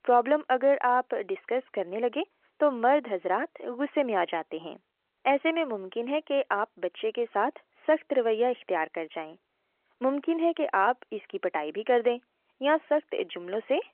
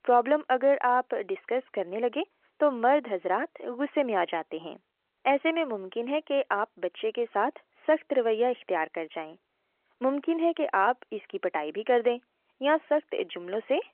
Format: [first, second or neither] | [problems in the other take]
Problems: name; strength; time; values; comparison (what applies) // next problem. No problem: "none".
neither | phone-call audio; the same in both